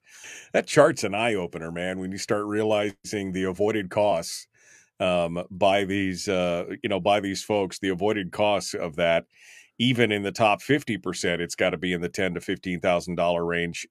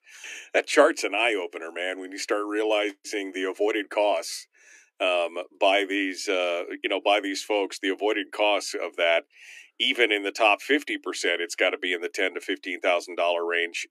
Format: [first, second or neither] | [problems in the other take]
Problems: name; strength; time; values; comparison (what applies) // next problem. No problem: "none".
first | thin; very slightly; fading below 300 Hz